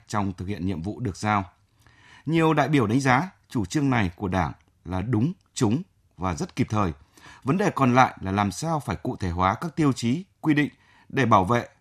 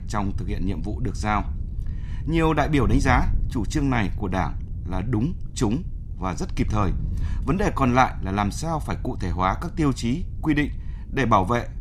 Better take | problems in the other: first | wind noise on the microphone; occasional gusts; 20 dB below the speech

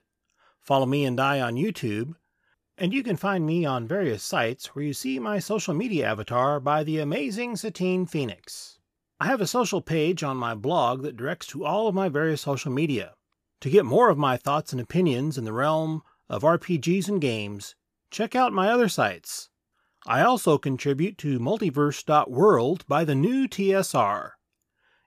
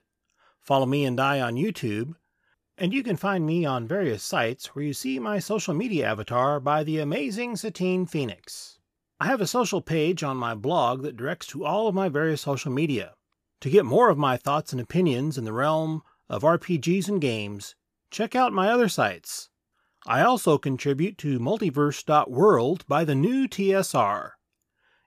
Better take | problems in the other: neither | none

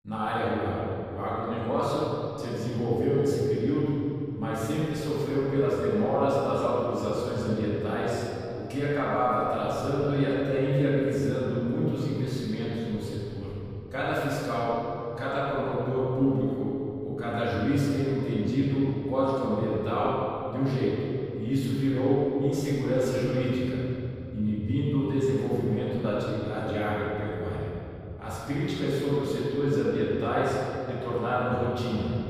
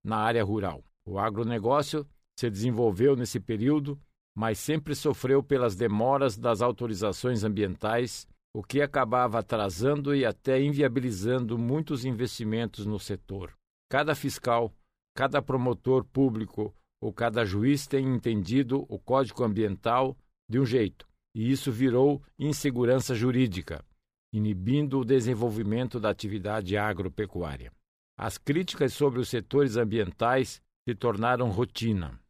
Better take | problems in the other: second | room echo; strong; dies away in 3 s // off-mic speech; far

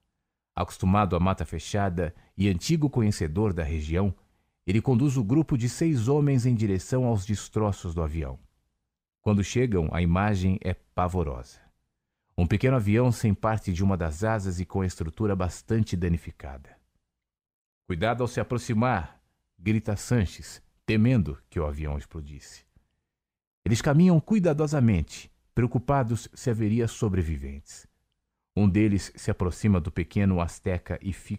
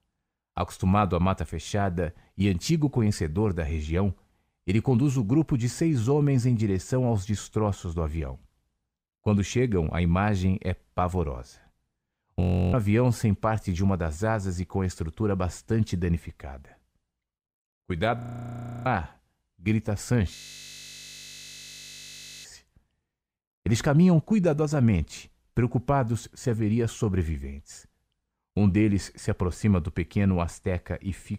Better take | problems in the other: first | audio freezing; at 12 s, at 18 s for 0.5 s and at 20 s for 2 s

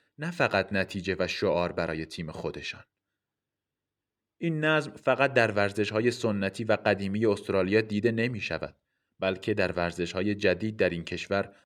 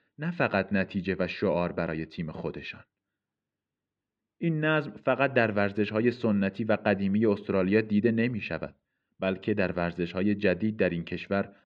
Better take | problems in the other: first | muffled; slightly; fading above 3.5 kHz

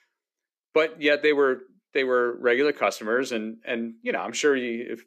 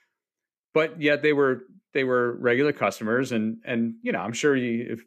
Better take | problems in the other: second | thin; very slightly; fading below 350 Hz

